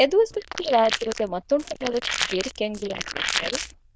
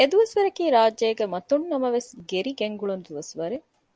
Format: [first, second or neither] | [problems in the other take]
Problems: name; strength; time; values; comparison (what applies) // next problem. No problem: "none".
second | noise reduction (neural diffusion model UNIVERSE++)